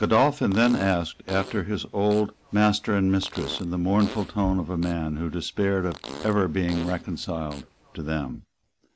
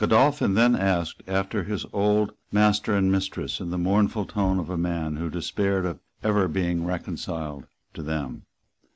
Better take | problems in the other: second | background sound (Fart); 17 dB below the speech

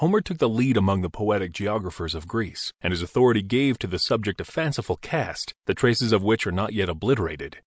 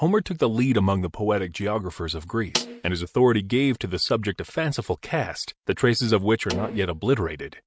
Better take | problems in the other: first | noise reduction (neural mask model RNNoise)

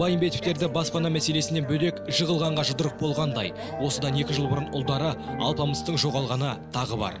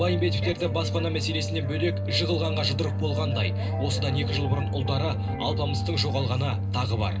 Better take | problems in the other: first | background sound (Organ); as loud as the speech // room echo; dies away in 0.2 s

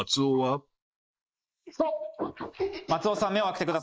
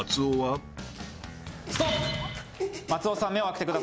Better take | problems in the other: second | noise reduction (neural mask model Resemble Enhance denoiser)

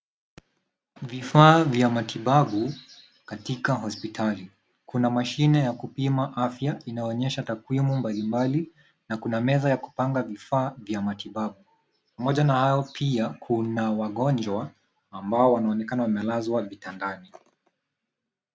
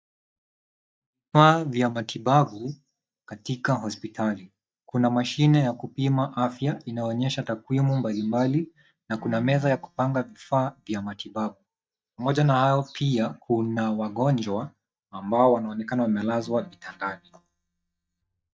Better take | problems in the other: first | noise reduction (neural mask model DeepFilterNet 3)

